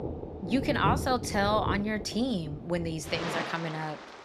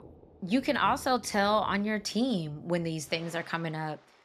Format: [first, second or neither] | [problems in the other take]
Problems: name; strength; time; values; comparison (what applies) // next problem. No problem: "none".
second | rain or running water; loud; throughout; 6 dB below the speech; faint in the second